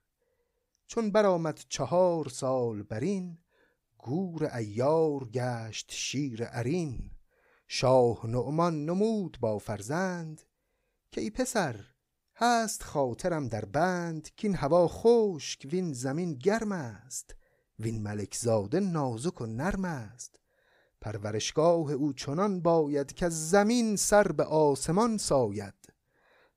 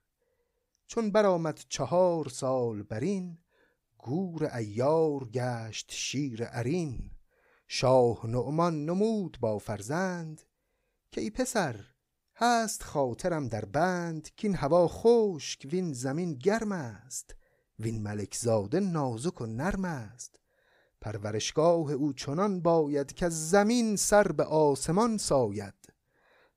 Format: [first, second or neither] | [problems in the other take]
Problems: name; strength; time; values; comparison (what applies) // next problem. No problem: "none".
neither | none